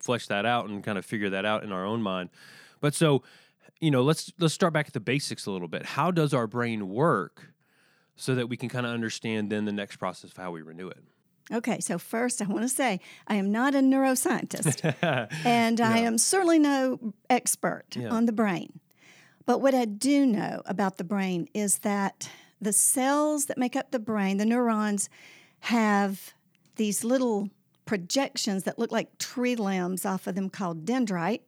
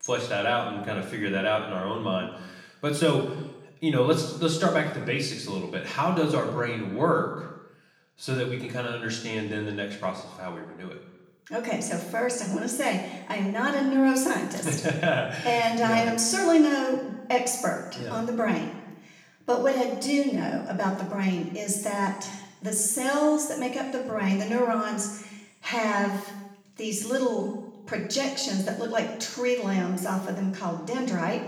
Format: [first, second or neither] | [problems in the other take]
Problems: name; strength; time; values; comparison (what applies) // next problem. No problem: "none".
first | room echo; noticeable; dies away in 0.9 s // off-mic speech; far